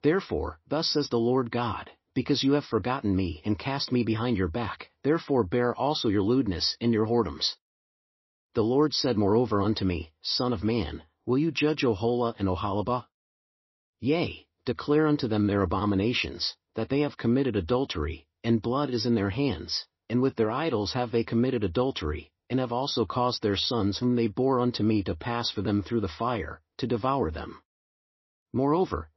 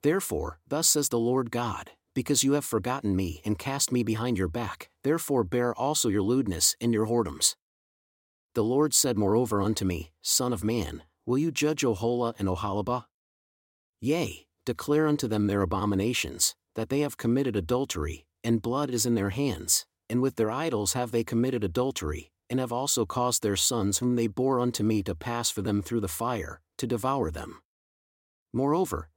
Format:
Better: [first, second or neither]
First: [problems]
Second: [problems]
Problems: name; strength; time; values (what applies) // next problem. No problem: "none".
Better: second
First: garbled, watery; slightly; nothing above 5.5 kHz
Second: none